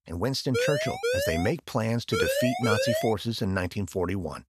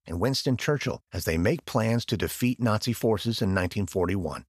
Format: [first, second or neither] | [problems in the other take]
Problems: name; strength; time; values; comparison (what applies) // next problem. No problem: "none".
second | siren; loud; at 0.5 s and from 2 to 3 s; peak 2 dB above the speech